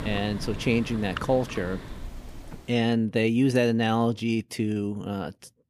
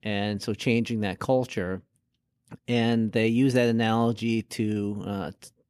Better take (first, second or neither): second